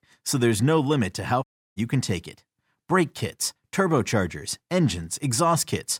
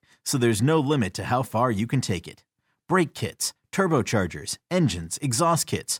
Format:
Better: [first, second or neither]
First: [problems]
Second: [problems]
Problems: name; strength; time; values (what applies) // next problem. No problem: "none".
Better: second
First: audio cutting out; at 1.5 s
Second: none